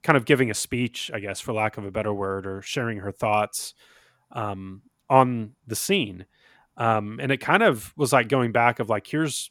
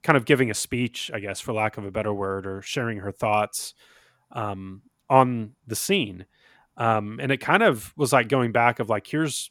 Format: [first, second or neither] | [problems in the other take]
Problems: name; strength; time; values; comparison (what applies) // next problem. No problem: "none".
neither | none